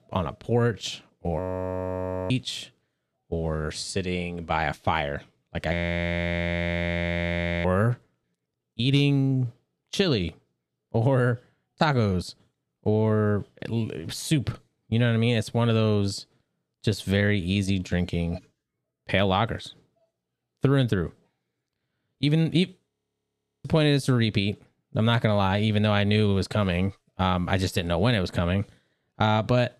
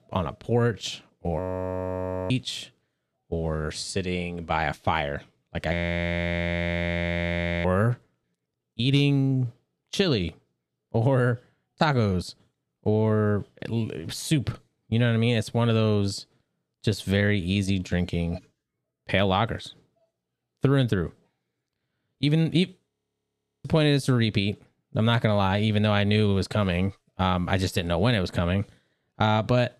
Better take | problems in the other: neither | audio freezing; at 1.5 s for 1 s, at 5.5 s for 2 s and at 23 s for 1 s; the same in both

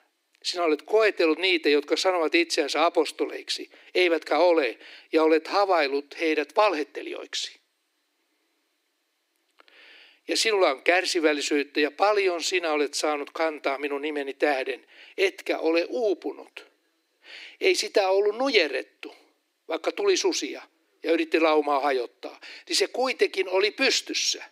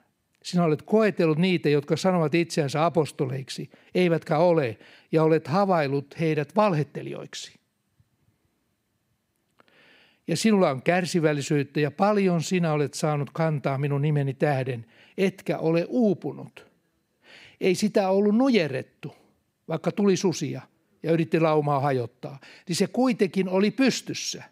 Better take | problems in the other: second | thin; somewhat; fading below 300 Hz

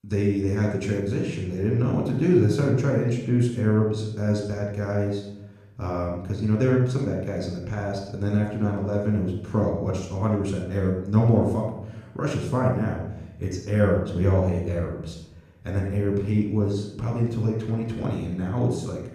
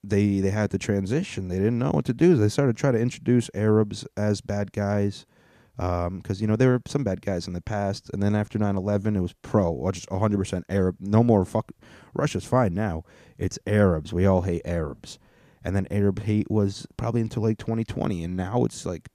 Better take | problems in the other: second | off-mic speech; somewhat distant // room echo; noticeable; dies away in 0.7 s

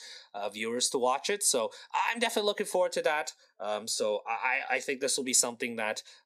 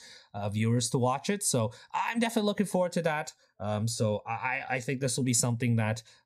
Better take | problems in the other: second | thin; somewhat; fading below 350 Hz

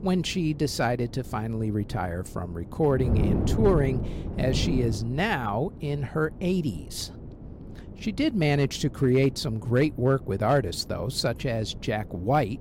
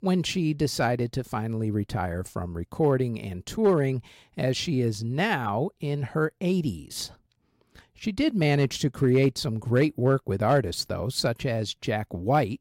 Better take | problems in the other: second | wind noise on the microphone; occasional gusts; 15 dB below the speech

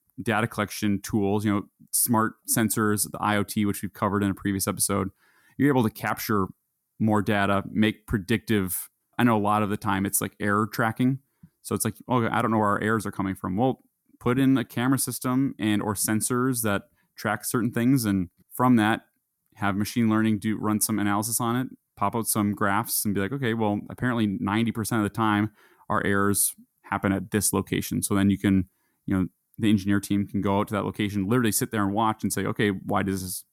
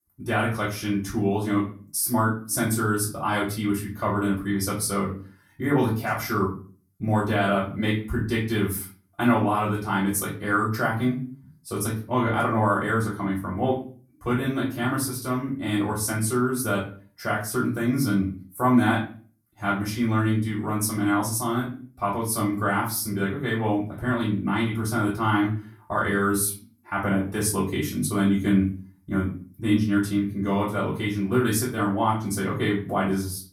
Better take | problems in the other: first | room echo; slight; dies away in 0.3 s // off-mic speech; far

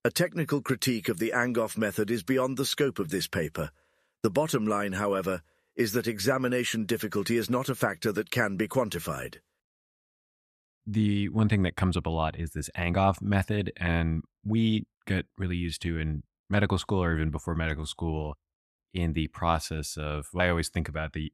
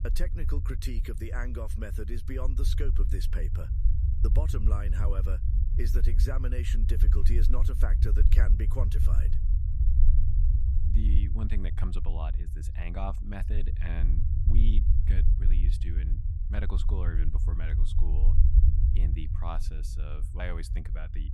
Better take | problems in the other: first | low rumble; loud; throughout; 5 dB below the speech

